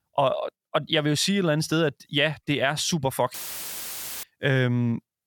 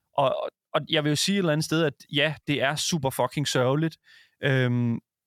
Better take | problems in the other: second | audio cutting out; filled with static; at 3.5 s for 1 s

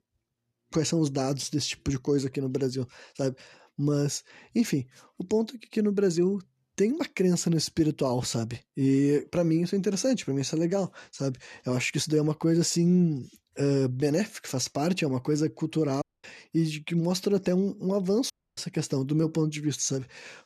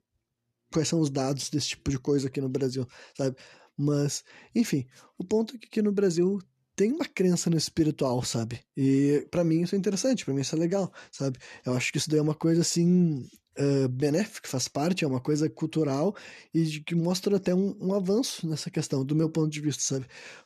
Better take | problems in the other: second | audio cutting out; at 16 s and at 18 s

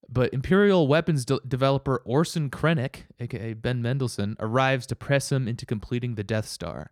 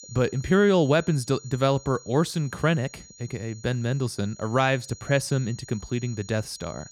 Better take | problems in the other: first | high-pitched whine; faint; throughout; 6.5 kHz, 20 dB below the speech

